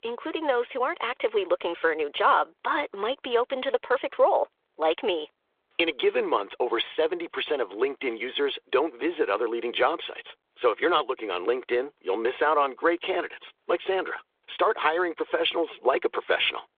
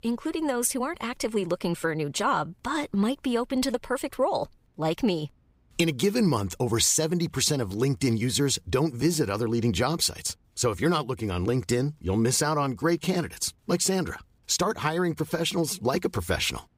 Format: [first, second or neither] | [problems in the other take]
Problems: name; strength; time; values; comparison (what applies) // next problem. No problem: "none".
second | phone-call audio; nothing above 3.5 kHz